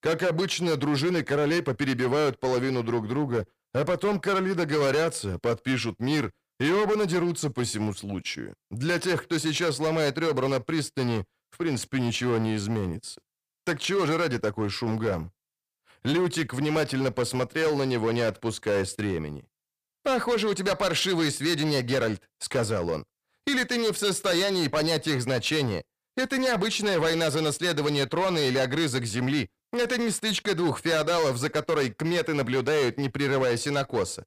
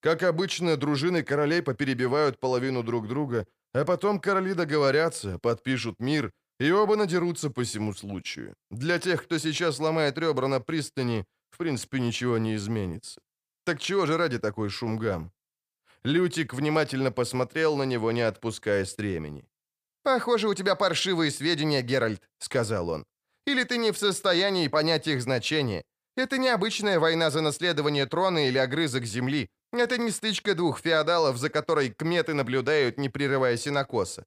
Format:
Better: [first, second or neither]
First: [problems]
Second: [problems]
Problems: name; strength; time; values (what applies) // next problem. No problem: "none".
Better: second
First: distortion; slight; 14% of the sound clipped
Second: none